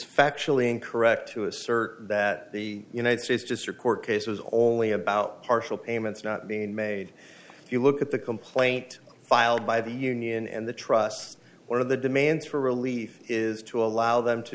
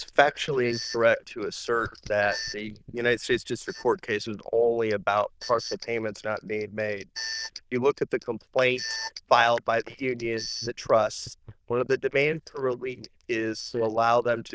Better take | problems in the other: first | noise reduction (neural diffusion model UNIVERSE++)

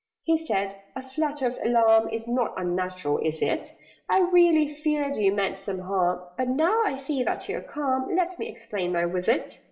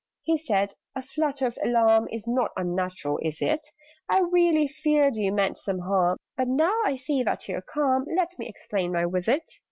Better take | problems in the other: second | room echo; dies away in 0.5 s

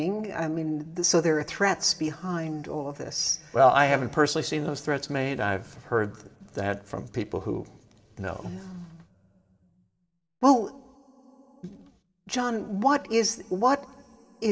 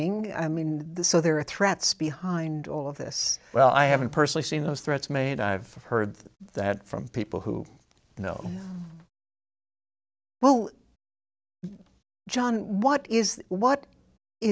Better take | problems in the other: second | room echo; dies away in 2.8 s

